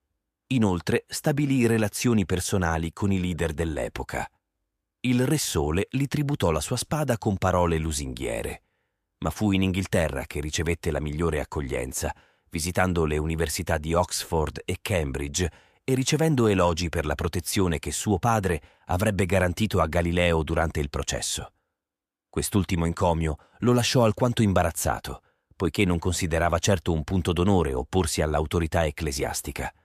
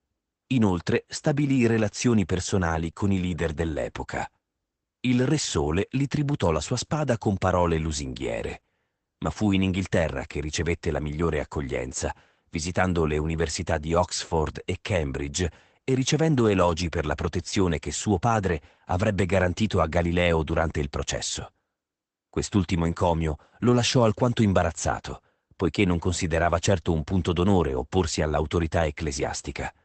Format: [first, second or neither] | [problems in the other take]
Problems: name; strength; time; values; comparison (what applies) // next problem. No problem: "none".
first | garbled, watery; badly; nothing above 8 kHz